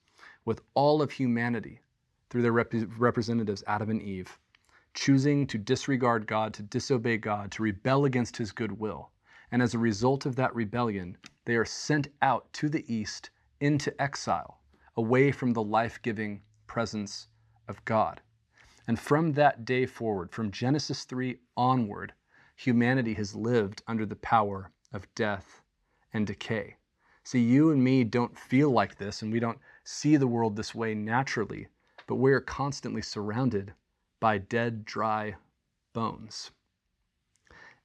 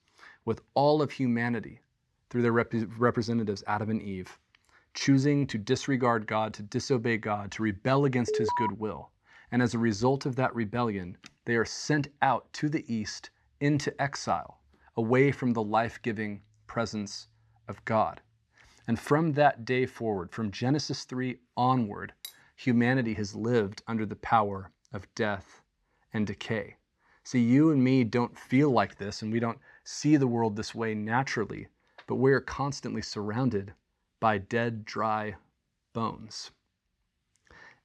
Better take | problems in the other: first | alarm; noticeable; at 8.5 s; peak level with the speech // clattering dishes; faint; at 22 s; peak 15 dB below the speech

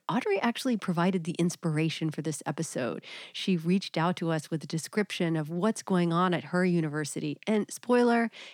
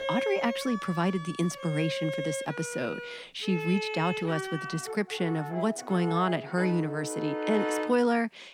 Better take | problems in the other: first | background music; loud; throughout; 5 dB below the speech

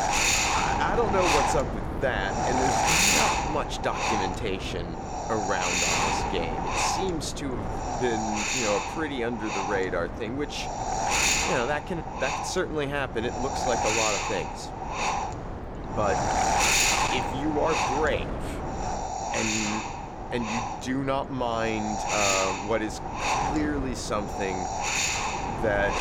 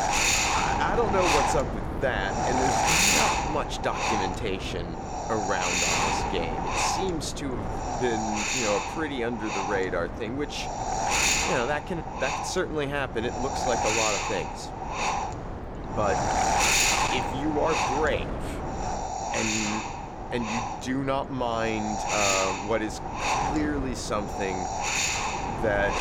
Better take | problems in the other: neither | wind noise on the microphone; heavy; 4 dB above the speech; the same in both

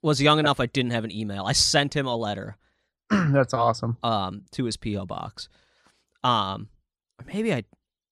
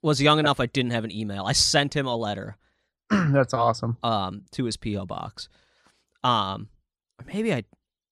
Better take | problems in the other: neither | none

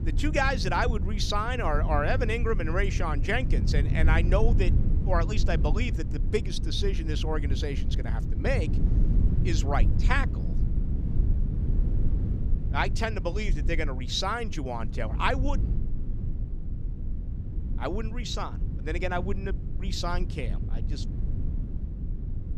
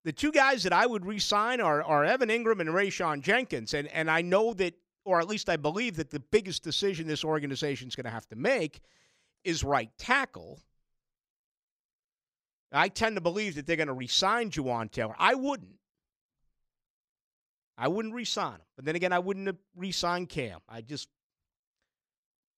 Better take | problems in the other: second | low rumble; noticeable; throughout; 15 dB below the speech

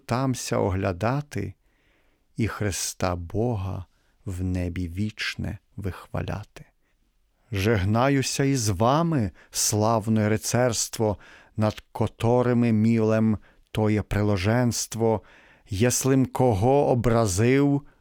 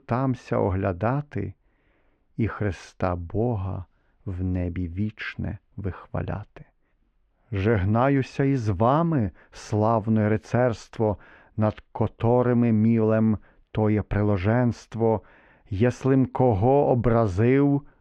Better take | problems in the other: first | muffled; very; fading above 2 kHz

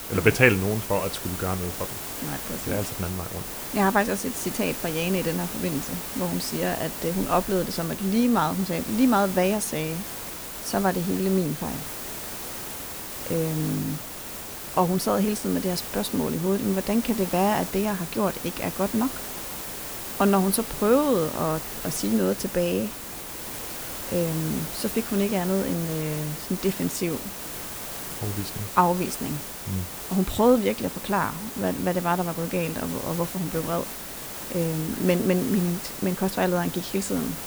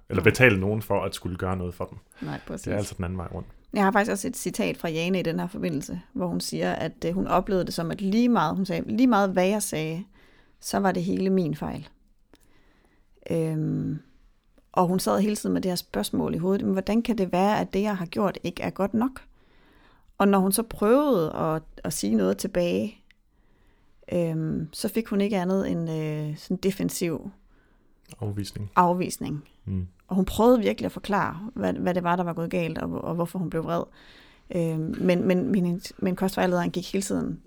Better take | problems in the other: second | hiss; loud; throughout; 7 dB below the speech

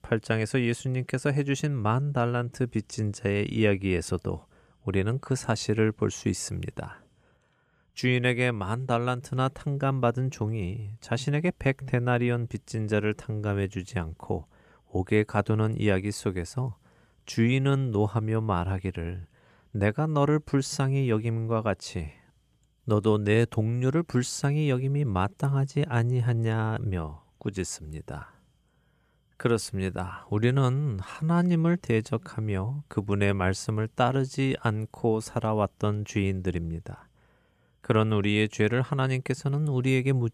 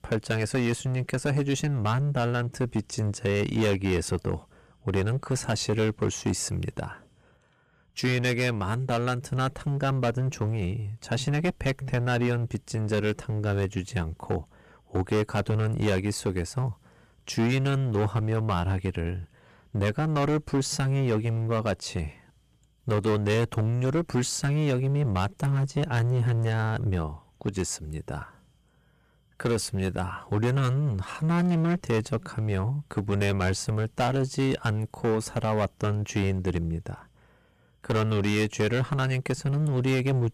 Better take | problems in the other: first | distortion; heavy; 14% of the sound clipped

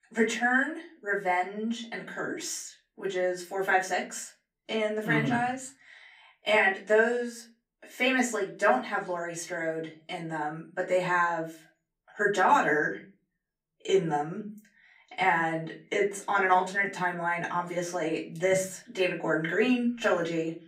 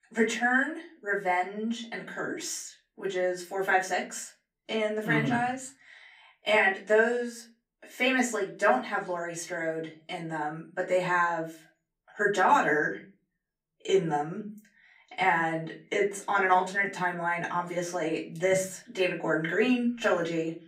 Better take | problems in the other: neither | off-mic speech; far; the same in both // room echo; very slight; dies away in 0.3 s; the same in both

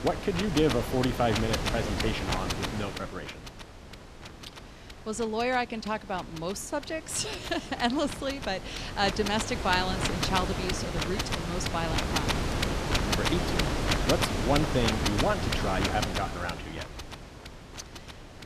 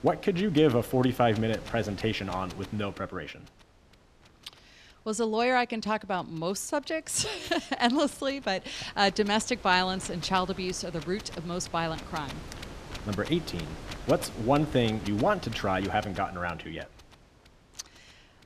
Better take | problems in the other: second | wind noise on the microphone; heavy; 1 dB below the speech; occasional gusts in the second

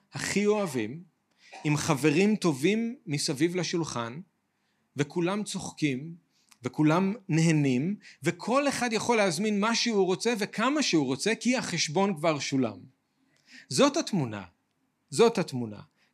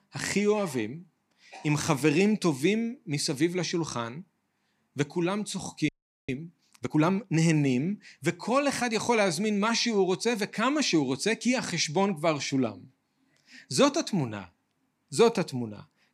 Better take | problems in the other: first | audio freezing; at 6 s

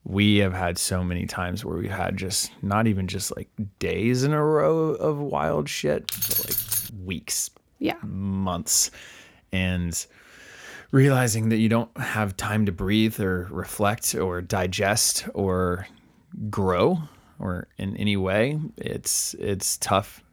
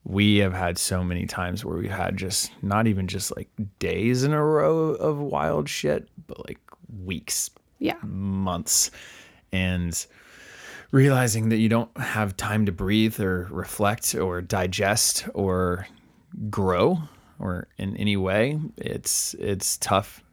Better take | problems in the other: second | jangling keys; loud; at 6 s; peak 2 dB above the speech

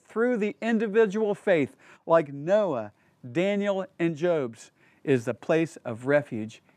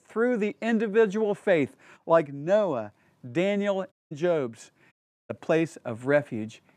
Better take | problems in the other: first | audio cutting out; at 4 s and at 5 s

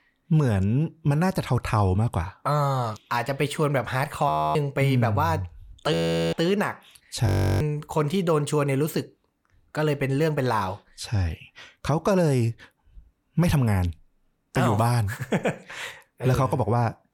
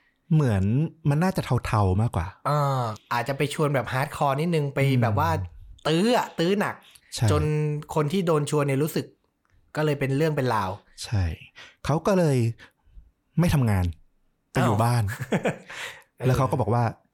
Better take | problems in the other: second | audio freezing; at 4.5 s, at 6 s and at 7.5 s

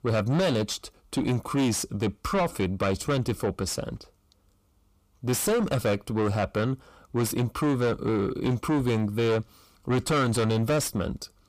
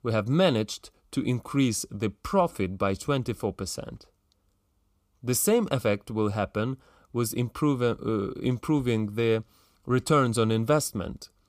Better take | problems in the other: second | distortion; heavy; 7 dB below the speech

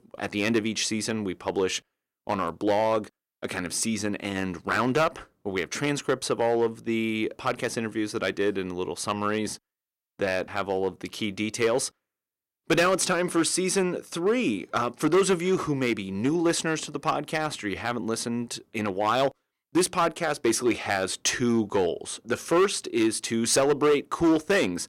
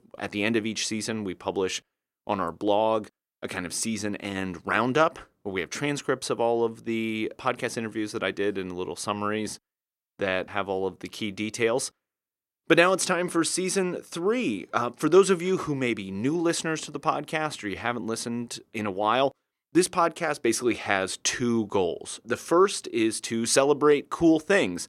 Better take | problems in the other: second | distortion; slight; 4% of the sound clipped

